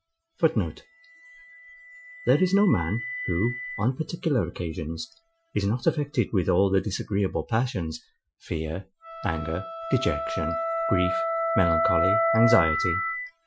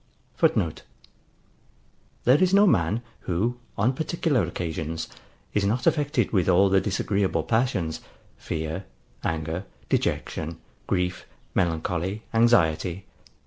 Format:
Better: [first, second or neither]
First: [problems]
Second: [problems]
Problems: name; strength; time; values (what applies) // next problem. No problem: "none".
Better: second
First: noise reduction (classical method Wiener filter)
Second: none